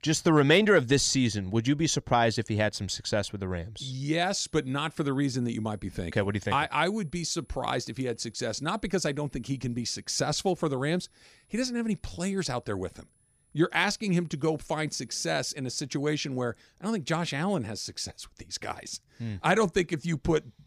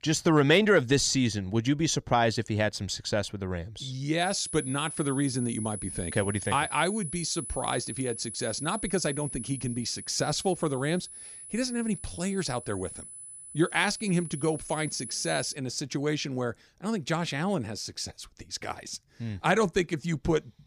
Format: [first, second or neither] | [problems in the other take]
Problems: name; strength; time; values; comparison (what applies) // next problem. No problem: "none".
first | high-pitched whine; loud; from 4 to 16 s; 10 kHz, 9 dB below the speech; faint in the first